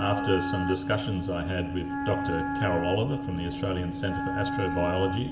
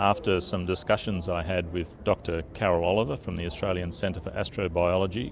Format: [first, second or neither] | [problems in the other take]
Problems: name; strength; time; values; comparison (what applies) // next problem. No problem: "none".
second | background sound (Wind instrument, woodwind instrument); 3 dB below the speech // room echo; dies away in 0.7 s